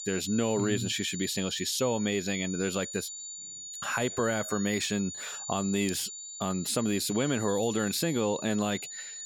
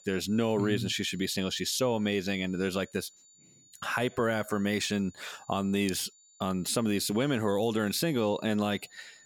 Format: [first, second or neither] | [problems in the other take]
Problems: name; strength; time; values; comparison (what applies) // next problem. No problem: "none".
second | high-pitched whine; loud; throughout; 7 kHz, 8 dB below the speech; faint in the second